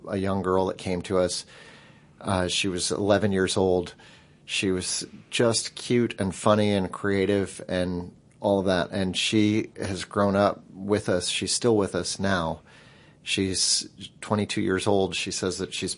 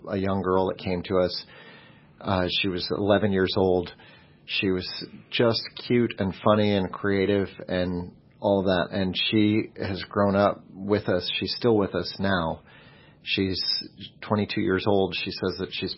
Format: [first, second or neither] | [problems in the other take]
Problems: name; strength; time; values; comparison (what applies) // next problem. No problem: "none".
first | garbled, watery; badly; nothing above 5.5 kHz; slightly in the first